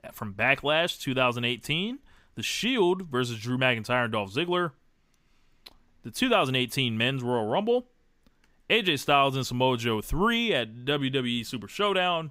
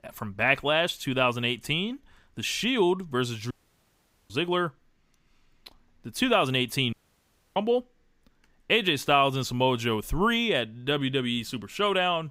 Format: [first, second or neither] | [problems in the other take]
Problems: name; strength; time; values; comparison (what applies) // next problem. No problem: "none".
first | audio cutting out; at 3.5 s for 1 s and at 7 s for 0.5 s